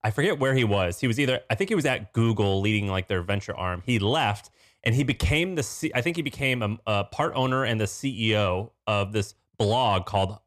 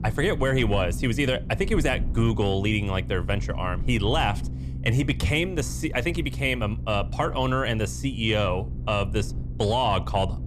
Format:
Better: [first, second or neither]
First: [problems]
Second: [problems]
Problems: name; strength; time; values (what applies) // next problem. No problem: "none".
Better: first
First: none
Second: low rumble; noticeable; throughout; 20 dB below the speech